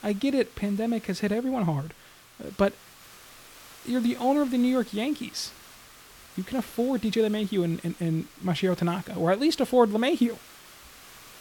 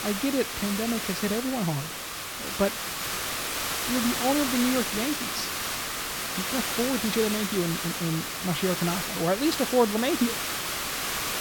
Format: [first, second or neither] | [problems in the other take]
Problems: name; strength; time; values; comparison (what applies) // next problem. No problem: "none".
first | hiss; loud; throughout; 1 dB below the speech; faint in the first